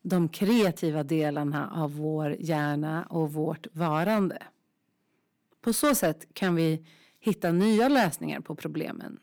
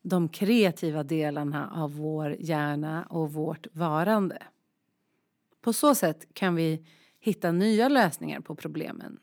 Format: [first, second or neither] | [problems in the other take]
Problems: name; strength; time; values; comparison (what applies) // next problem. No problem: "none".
second | distortion; slight; 3% of the sound clipped